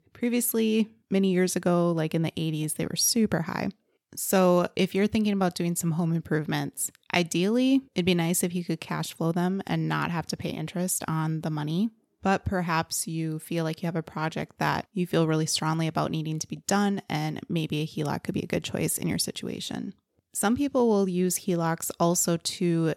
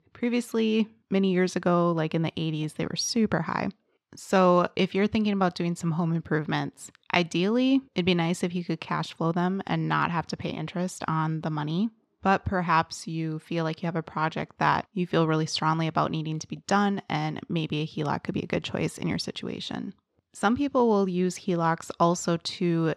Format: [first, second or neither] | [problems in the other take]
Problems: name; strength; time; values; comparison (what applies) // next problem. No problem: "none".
first | muffled; very slightly; fading above 4 kHz